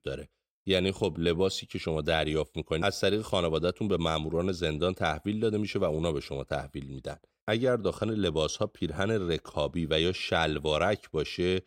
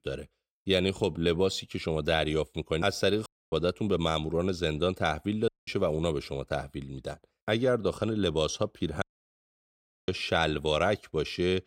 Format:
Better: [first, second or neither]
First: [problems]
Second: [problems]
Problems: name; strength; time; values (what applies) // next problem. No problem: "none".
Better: first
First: none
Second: audio cutting out; at 3.5 s, at 5.5 s and at 9 s for 1 s